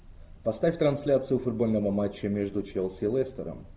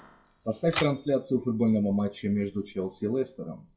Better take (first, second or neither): first